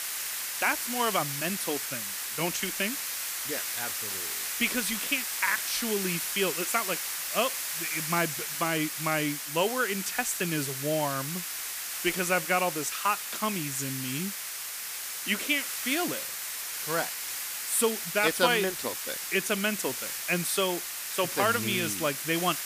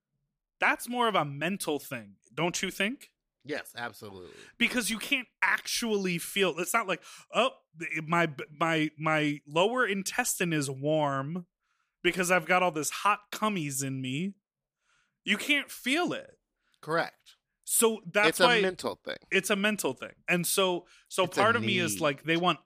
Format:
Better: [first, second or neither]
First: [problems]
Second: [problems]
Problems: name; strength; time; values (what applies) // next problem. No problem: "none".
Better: second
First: hiss; loud; throughout; 2 dB below the speech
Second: none